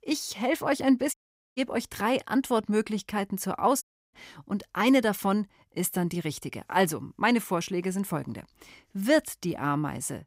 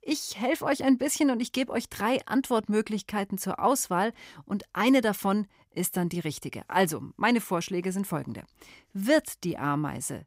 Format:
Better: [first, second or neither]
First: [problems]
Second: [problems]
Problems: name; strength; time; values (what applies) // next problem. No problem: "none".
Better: second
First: audio cutting out; at 1 s and at 4 s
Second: none